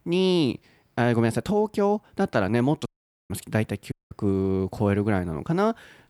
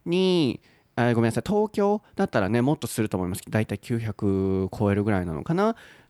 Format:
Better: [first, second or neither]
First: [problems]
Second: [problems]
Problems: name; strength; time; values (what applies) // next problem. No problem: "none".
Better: second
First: audio cutting out; at 3 s and at 4 s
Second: none